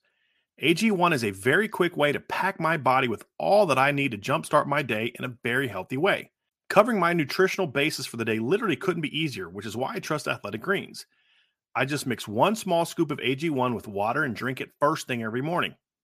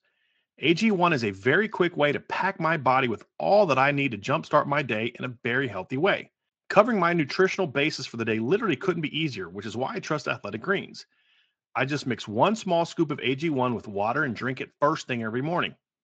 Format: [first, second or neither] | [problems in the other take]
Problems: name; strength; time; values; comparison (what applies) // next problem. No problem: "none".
first | garbled, watery; slightly; nothing above 7.5 kHz